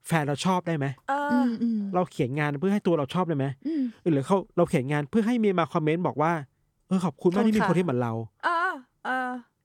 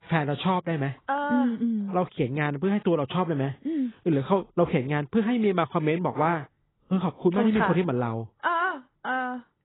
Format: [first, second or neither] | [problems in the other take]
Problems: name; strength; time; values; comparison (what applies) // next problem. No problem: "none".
first | garbled, watery; badly; nothing above 4 kHz